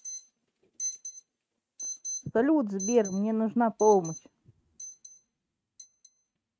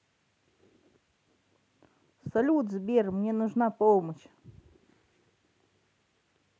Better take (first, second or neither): second